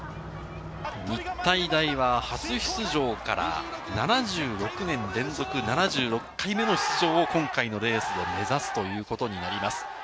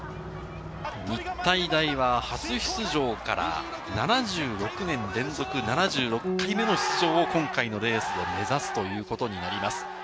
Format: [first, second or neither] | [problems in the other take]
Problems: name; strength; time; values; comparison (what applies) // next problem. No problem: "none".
first | background sound (Piano); 14 dB below the speech